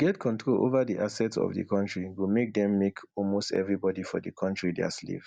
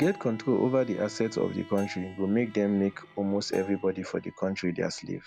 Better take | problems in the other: first | background sound (Bell + Bowed string instrument); 20 dB below the speech

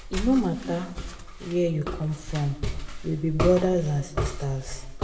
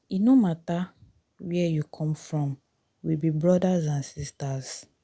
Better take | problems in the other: second | background sound (Walk, footsteps); 5 dB below the speech // room echo; dies away in 0.8 s

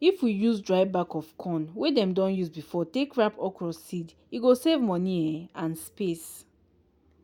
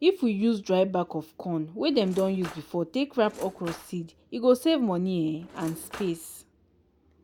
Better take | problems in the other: first | background sound (Cutlery, silverware / Drawer open or close); 18 dB below the speech

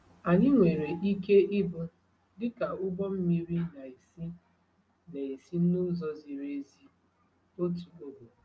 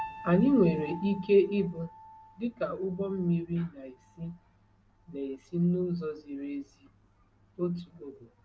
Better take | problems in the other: first | background sound (Piano); 19 dB below the speech

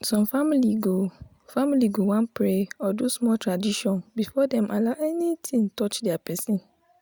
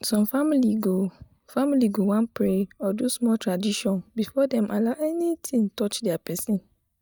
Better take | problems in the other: first | noise reduction (neural mask model DeepFilterNet 3)

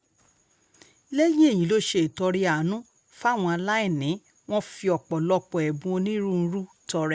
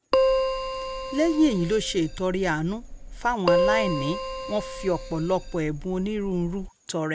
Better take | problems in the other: first | background sound (Keyboard (musical)); 1 dB below the speech

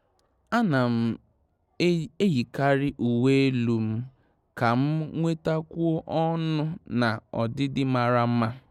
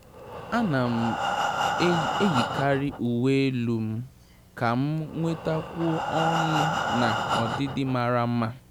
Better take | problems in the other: first | background sound (Breathing); 4 dB below the speech

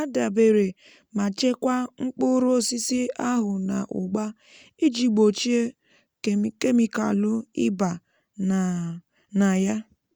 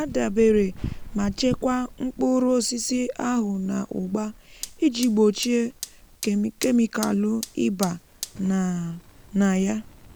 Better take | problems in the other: first | background sound (Fire); 15 dB below the speech

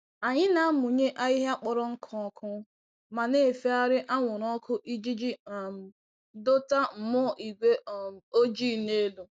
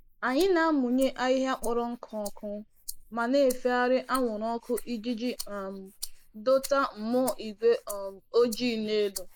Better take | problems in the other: first | noise reduction (neural mask model Resemble Enhance denoiser)

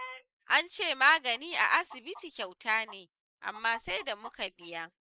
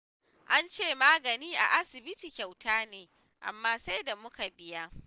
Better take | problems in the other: second | noise reduction (neural mask model Resemble Enhance denoiser)

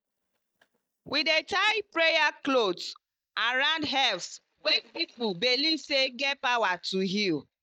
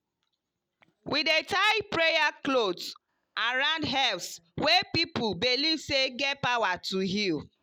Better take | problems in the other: second | noise reduction (neural mask model DeepFilterNet 3)

